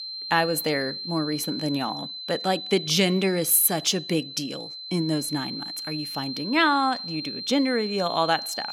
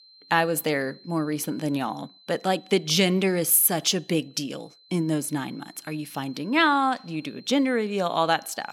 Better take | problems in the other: second | high-pitched whine; loud; throughout; 4 kHz, 8 dB below the speech; faint in the second

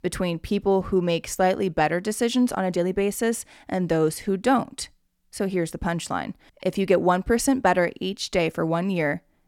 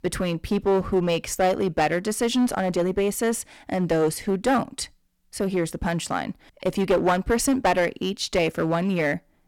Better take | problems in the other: first | distortion; slight; 8% of the sound clipped

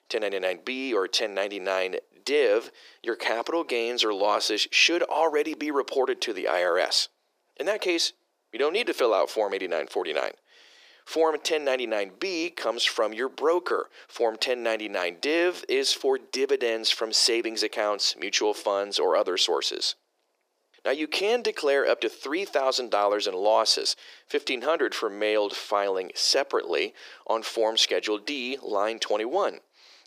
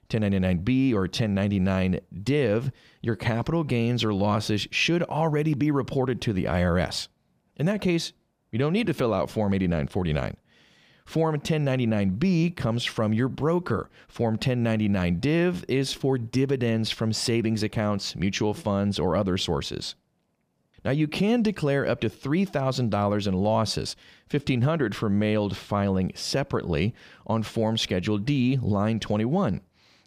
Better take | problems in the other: second | thin; very; fading below 350 Hz

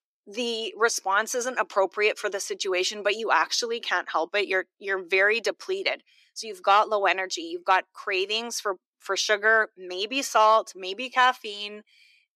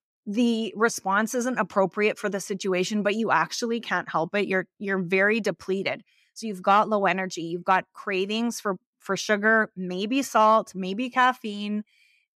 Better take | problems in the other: second | thin; very; fading below 350 Hz

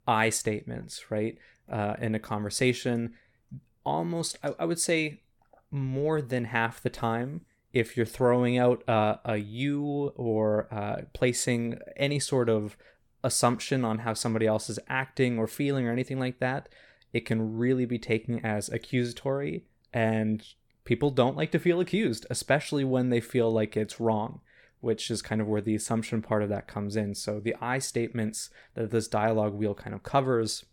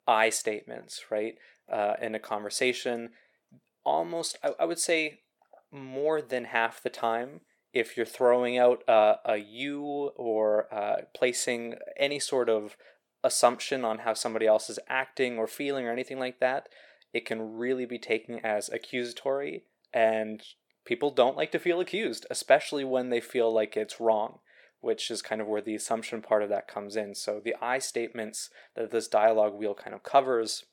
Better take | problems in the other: first | thin; somewhat; fading below 400 Hz

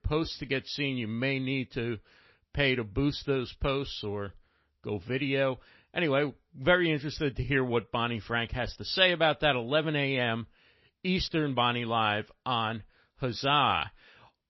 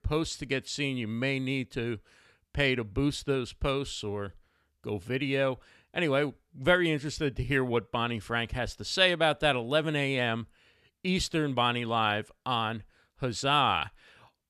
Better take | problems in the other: second | garbled, watery; slightly; nothing above 5.5 kHz

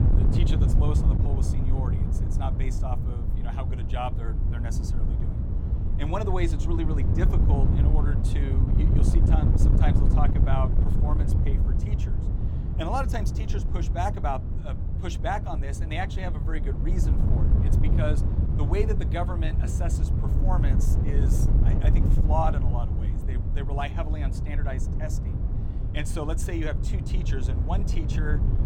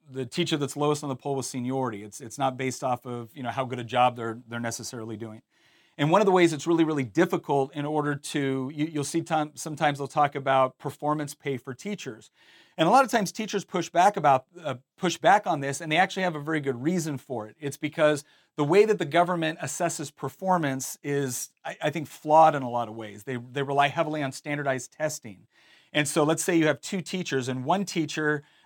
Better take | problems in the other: second | wind noise on the microphone; heavy; 4 dB below the speech

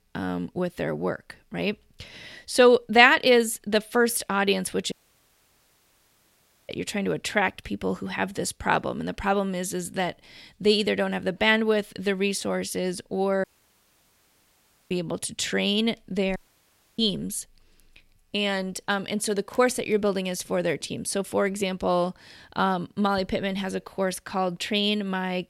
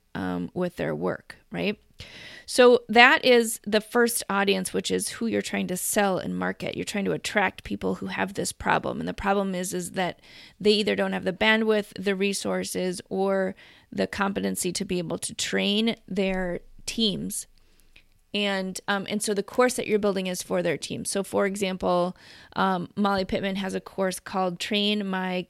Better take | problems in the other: second | audio cutting out; at 5 s for 2 s, at 13 s for 1.5 s and at 16 s for 0.5 s

